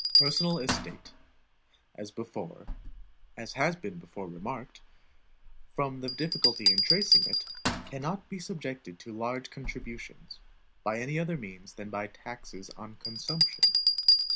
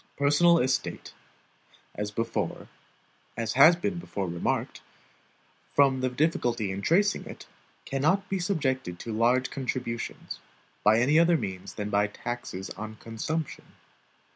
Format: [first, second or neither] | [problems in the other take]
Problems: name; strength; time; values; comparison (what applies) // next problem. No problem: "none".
second | background sound (Bell); 5 dB above the speech